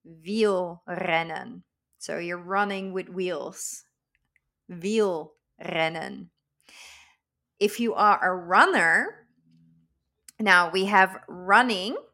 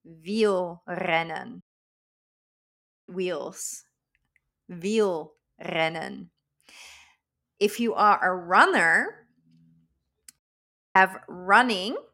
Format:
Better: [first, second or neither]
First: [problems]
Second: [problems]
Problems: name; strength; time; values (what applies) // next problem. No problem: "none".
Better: first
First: none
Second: audio cutting out; at 1.5 s for 1.5 s and at 10 s for 0.5 s